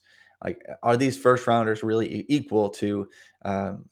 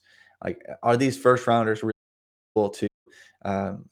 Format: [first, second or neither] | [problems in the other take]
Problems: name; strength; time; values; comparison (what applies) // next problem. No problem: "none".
first | audio cutting out; at 2 s for 0.5 s and at 3 s